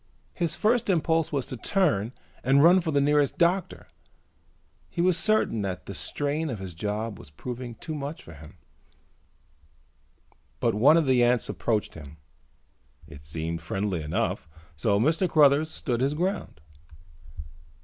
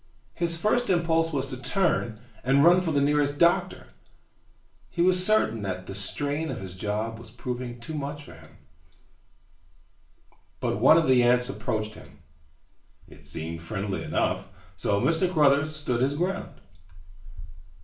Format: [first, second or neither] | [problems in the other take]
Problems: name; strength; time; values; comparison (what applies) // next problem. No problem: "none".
first | room echo; dies away in 0.4 s